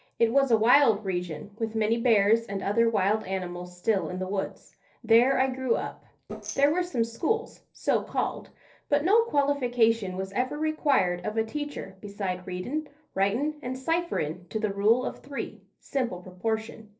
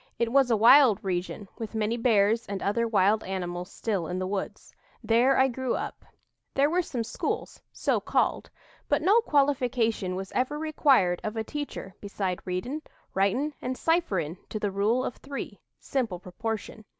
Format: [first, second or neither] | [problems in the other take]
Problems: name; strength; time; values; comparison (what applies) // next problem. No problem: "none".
second | noise reduction (neural separator model SepFormer DNS4)